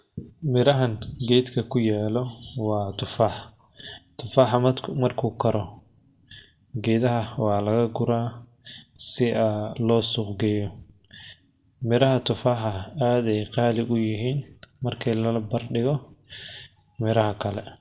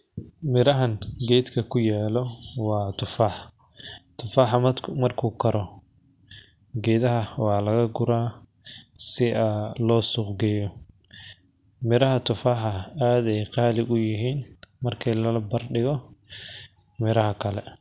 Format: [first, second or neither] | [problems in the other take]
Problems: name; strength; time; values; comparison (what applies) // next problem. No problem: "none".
second | room echo; dies away in 0.2 s